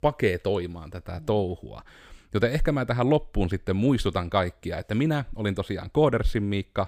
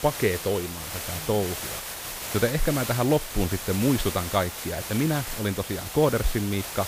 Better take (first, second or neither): first